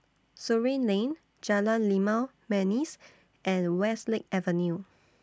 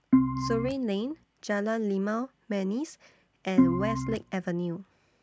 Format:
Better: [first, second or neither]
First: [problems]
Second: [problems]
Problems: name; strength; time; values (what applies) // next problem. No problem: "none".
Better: first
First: none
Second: background sound (Organ); 4 dB above the speech